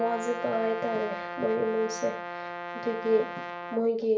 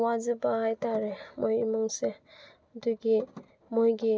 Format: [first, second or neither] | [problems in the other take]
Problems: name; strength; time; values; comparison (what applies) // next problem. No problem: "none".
second | background sound (Brass instrument); 8 dB below the speech // room echo; dies away in 0.3 s